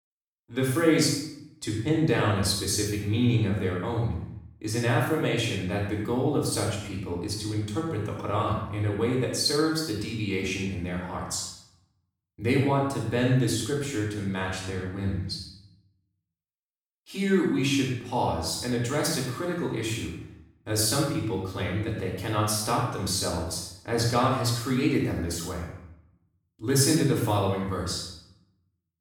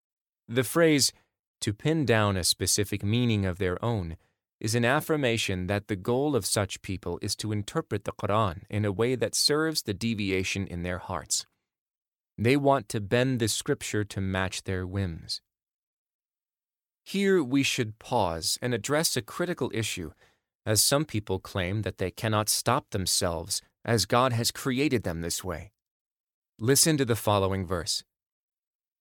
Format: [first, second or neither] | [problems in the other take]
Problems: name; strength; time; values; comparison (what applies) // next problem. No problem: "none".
second | off-mic speech; far // room echo; noticeable; dies away in 0.7 s